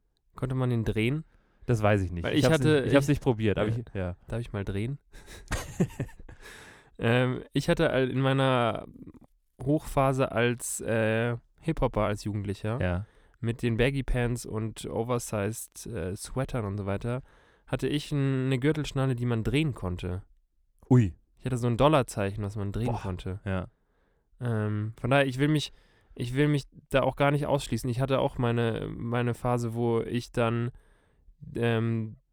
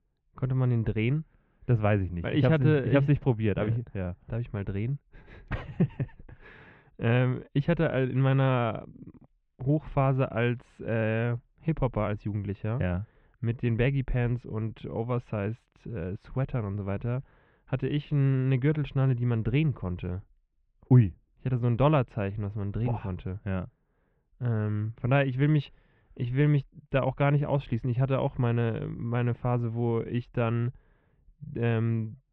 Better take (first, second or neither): first